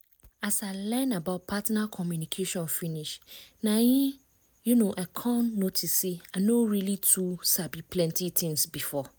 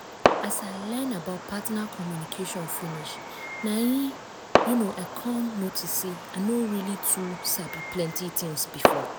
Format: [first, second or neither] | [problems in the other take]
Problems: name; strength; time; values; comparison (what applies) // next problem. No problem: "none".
first | background sound (Fireworks); 1 dB below the speech